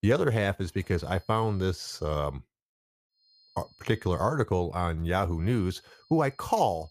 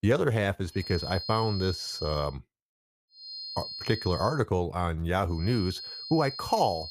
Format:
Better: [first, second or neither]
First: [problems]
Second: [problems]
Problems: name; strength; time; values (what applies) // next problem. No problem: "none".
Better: first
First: high-pitched whine; faint; from 1 to 2 s, from 3 to 4.5 s and from 5.5 s on; 4.5 kHz, 30 dB below the speech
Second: high-pitched whine; loud; from 1 to 2 s, from 3 to 4.5 s and from 5.5 s on; 4.5 kHz, 8 dB below the speech